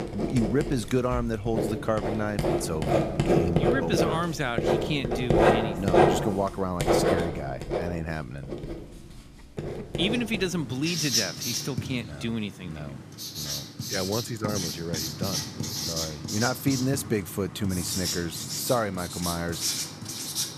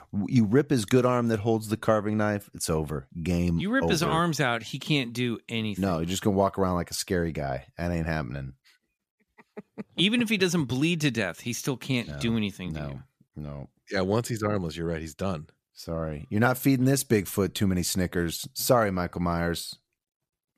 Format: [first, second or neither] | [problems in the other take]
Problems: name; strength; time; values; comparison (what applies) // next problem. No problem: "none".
second | household noises; very loud; throughout; 2 dB above the speech